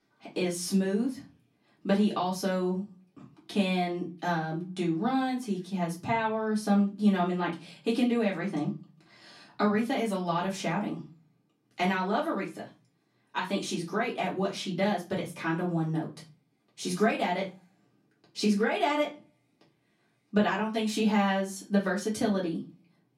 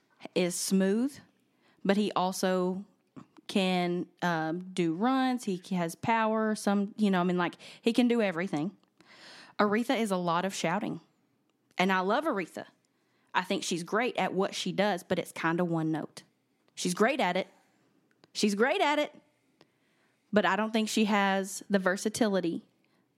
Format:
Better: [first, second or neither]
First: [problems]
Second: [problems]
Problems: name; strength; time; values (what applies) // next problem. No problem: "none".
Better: second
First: off-mic speech; far // room echo; very slight; dies away in 0.3 s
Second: none